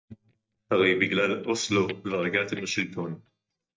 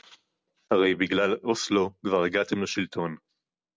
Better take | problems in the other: second | noise reduction (neural mask model DeepFilterNet 3)

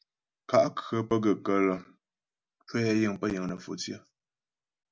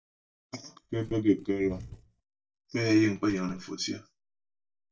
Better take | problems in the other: first | noise reduction (neural mask model DeepFilterNet 3)

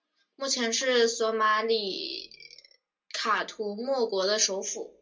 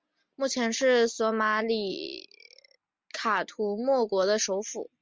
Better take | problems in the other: second | room echo; dies away in 0.2 s

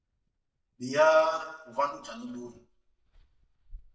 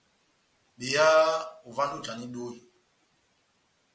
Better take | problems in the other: second | noise reduction (neural mask model DeepFilterNet 3)

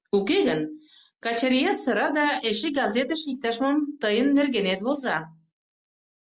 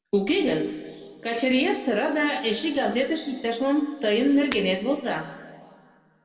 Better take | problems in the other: first | background sound (Shatter); 17 dB below the speech // room echo; dies away in 1.7 s

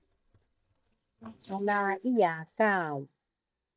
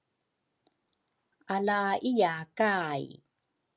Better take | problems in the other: second | noise reduction (neural mask model DeepFilterNet 3)

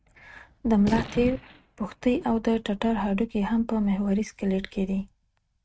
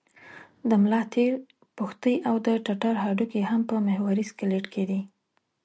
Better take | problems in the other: second | noise reduction (neural mask model RNNoise)

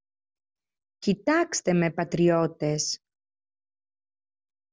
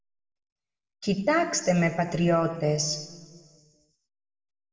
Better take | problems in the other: first | room echo; dies away in 1.4 s

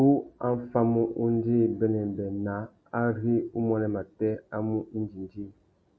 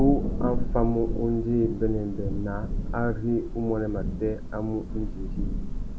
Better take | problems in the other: first | background sound (Thunder / Rain); 1 dB below the speech

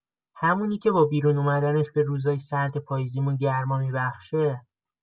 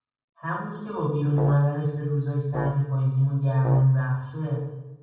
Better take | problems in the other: first | background sound (Brass instrument); 13 dB below the speech // room echo; dies away in 1.2 s

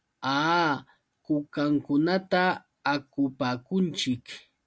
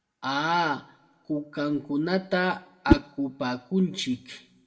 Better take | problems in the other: first | background sound (Whoosh, swoosh, swish); as loud as the speech // room echo; dies away in 0.5 s

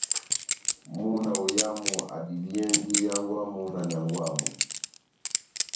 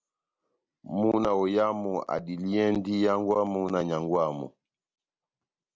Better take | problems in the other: second | background sound (Chink, clink); 1 dB above the speech // room echo; dies away in 0.6 s

